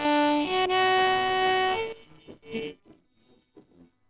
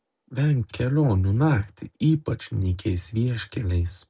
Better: second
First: noise reduction (neural separator model SepFormer WHAMR!)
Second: none

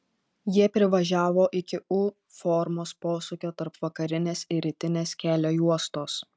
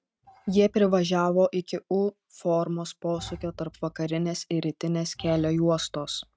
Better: first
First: none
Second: noise reduction (neural mask model RNNoise)

